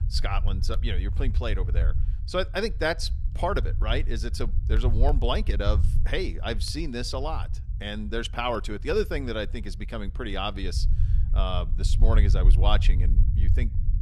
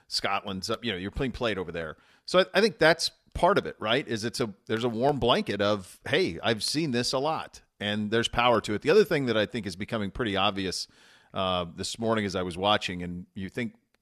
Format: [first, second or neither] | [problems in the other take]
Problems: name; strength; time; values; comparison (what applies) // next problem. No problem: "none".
second | low rumble; noticeable; throughout; 15 dB below the speech